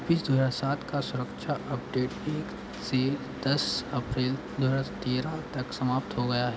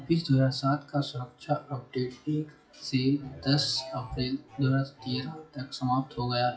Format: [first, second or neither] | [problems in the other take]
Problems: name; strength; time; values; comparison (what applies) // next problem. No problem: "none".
first | noise reduction (classical method WPE with log-MMSE)